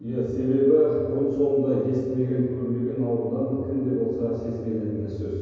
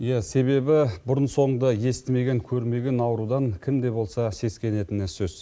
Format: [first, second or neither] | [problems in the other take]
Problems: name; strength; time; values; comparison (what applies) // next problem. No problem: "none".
second | room echo; dies away in 2.2 s